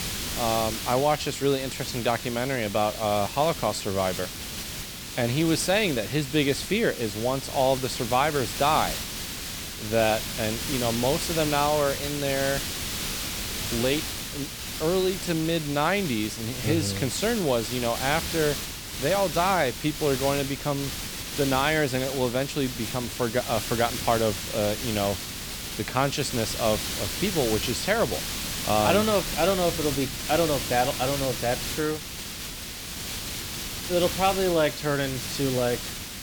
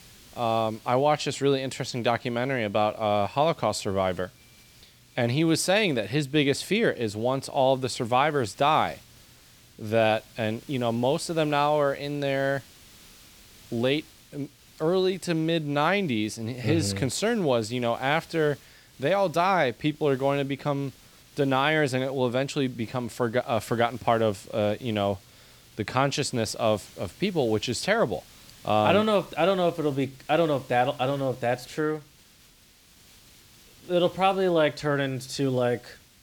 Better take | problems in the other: second | hiss; loud; throughout; 5 dB below the speech; faint in the second

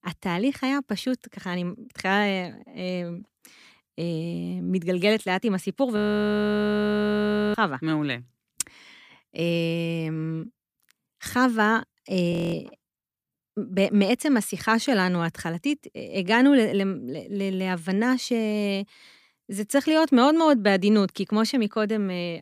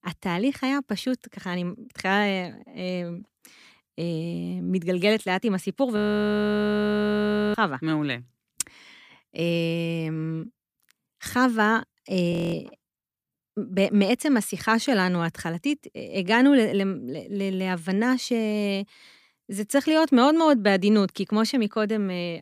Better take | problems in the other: neither | audio freezing; at 6 s for 1.5 s and at 12 s; the same in both

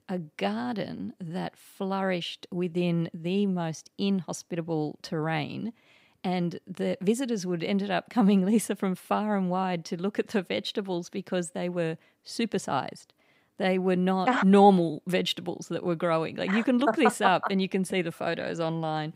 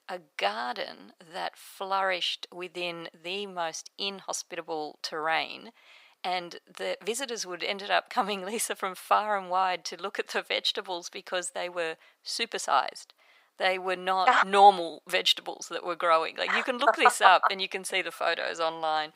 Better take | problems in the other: first | thin; very; fading below 800 Hz

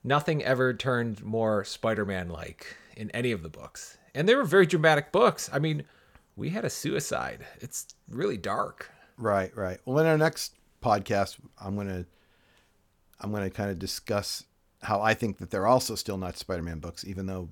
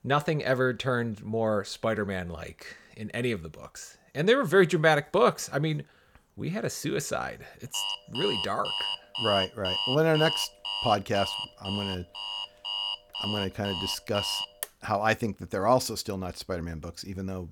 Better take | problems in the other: first | alarm; loud; from 7.5 to 15 s; peak 1 dB above the speech

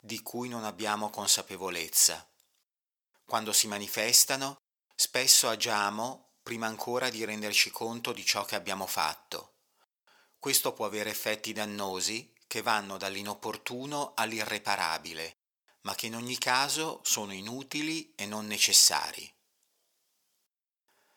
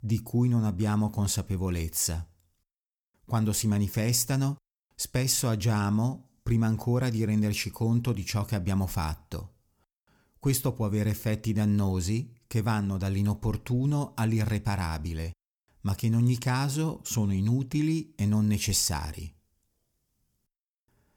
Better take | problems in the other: second | thin; very; fading below 600 Hz

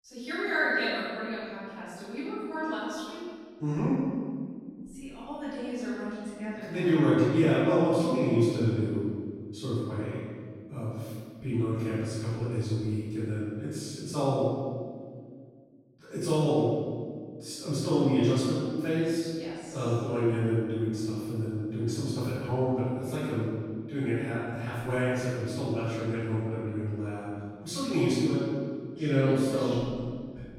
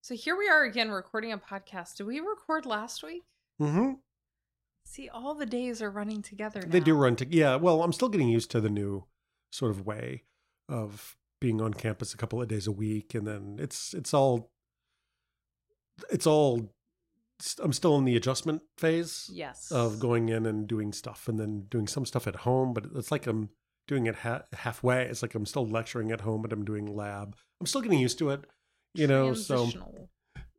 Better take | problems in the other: second | room echo; strong; dies away in 1.8 s // off-mic speech; far

